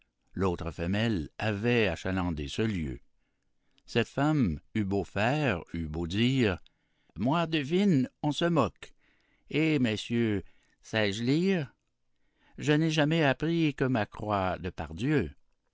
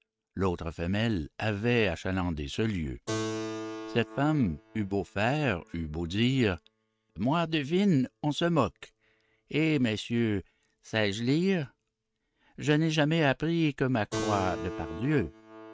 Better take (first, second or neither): first